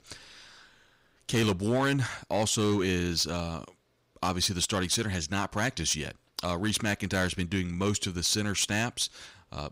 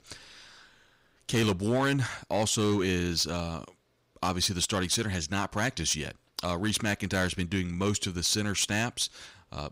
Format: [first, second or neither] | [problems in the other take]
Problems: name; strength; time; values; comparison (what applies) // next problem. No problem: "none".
neither | distortion; slight; 5% of the sound clipped; the same in both